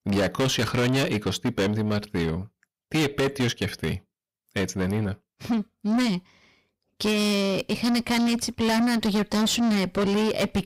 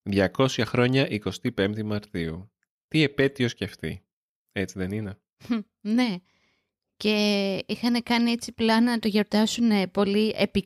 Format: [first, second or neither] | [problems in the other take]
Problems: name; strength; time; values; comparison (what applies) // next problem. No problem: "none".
second | distortion; heavy; 6 dB below the speech